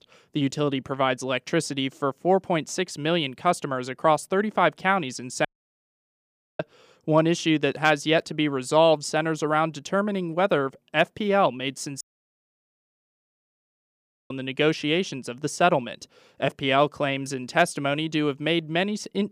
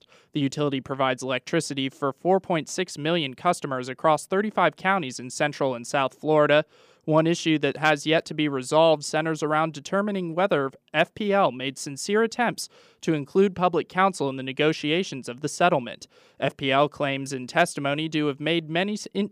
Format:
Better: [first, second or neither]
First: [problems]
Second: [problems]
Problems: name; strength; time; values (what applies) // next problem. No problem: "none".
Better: second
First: audio cutting out; at 5.5 s for 1 s and at 12 s for 2.5 s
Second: none